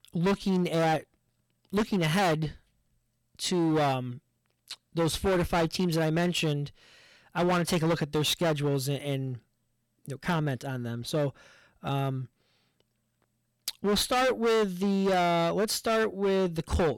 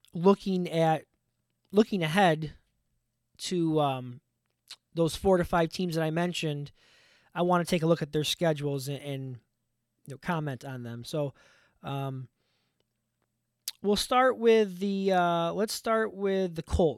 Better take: second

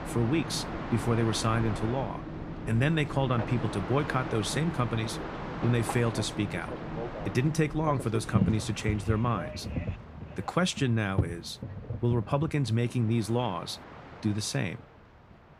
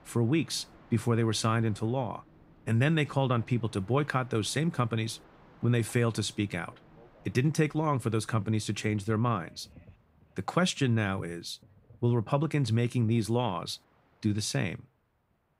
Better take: second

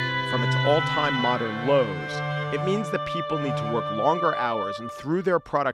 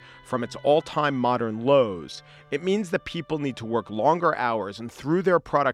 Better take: second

